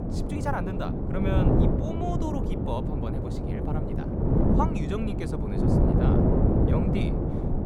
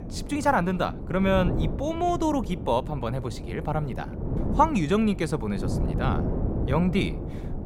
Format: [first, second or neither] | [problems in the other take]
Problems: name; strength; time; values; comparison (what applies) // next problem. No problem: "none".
second | wind noise on the microphone; heavy; 3 dB above the speech; occasional gusts in the second